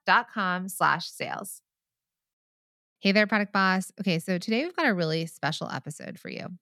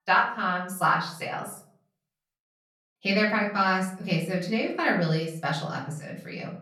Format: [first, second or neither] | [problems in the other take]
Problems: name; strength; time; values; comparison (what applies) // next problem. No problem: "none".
first | room echo; slight; dies away in 0.4 s // off-mic speech; far